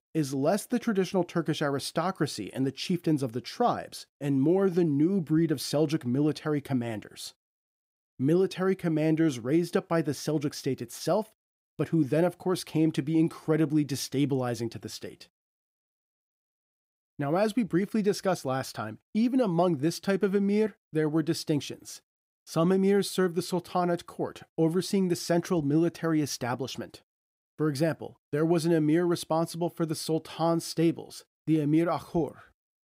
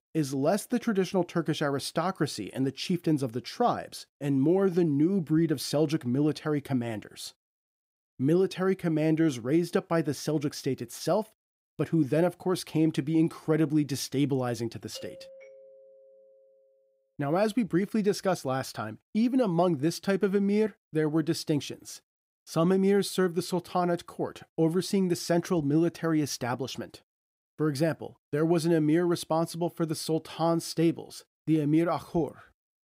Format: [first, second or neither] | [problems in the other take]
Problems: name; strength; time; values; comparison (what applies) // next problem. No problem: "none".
first | doorbell; faint; from 15 to 17 s; peak 20 dB below the speech